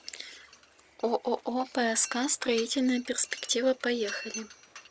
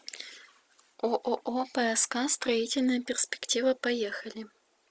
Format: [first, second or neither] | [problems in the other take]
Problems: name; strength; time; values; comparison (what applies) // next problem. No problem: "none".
second | background sound (Mechanisms); 17 dB below the speech